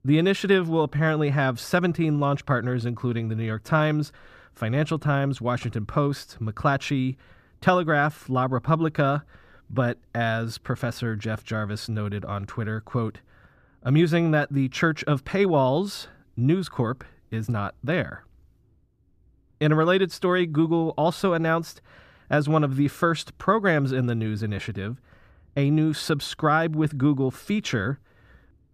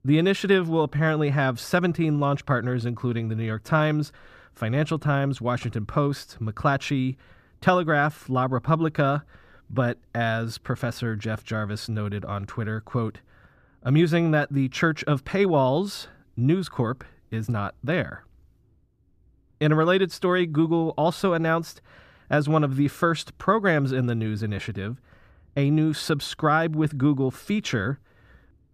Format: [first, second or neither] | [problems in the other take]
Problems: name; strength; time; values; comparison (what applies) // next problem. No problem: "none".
neither | none